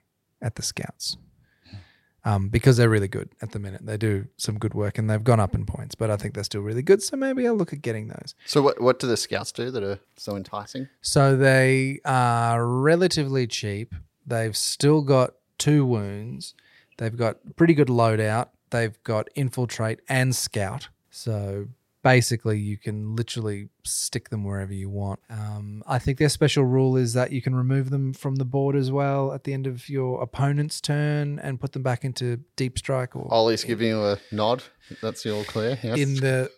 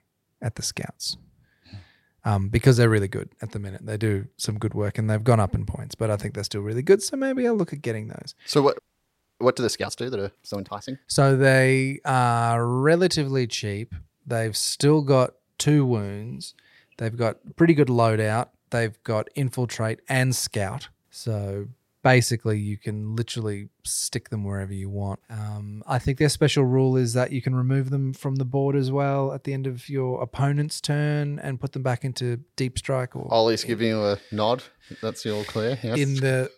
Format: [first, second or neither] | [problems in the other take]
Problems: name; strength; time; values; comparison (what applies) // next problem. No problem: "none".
first | audio freezing; at 9 s for 0.5 s